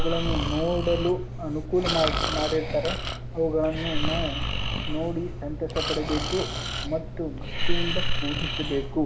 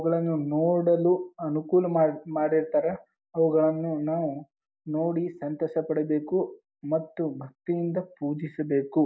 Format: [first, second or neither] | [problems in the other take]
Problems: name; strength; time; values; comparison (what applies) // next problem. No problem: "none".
second | background sound (Breathing); 1 dB above the speech